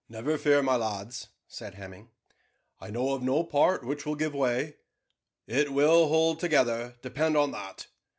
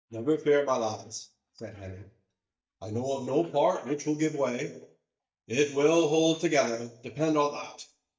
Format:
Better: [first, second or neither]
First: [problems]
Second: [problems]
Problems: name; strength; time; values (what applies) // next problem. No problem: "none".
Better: first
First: none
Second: noise reduction (neural mask model DeepFilterNet 3)